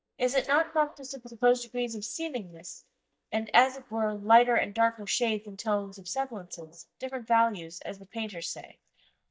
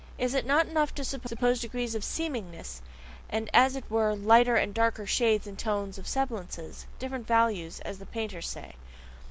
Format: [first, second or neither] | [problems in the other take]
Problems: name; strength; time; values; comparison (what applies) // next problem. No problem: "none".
second | noise reduction (neural mask model DeepFilterNet 3)